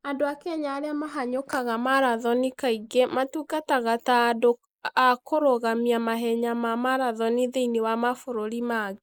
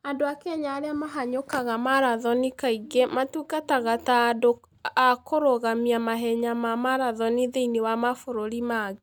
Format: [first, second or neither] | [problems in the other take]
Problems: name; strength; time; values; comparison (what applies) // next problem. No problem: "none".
second | noise reduction (neural mask model Resemble Enhance denoiser)